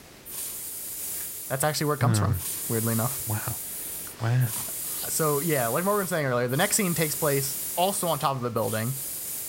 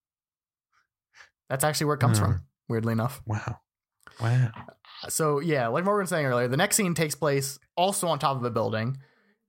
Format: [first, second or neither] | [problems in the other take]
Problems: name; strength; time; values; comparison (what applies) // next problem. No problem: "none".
second | hiss; loud; throughout; 4 dB below the speech